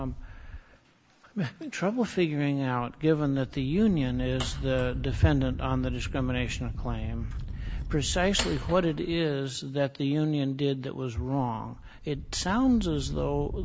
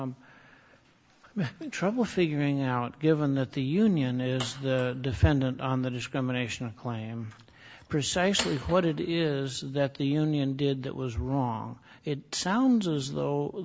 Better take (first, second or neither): second